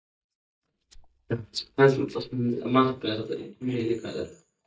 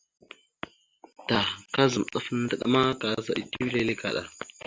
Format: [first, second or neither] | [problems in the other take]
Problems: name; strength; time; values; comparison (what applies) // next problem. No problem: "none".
second | noise reduction (neural mask model DeepFilterNet 3)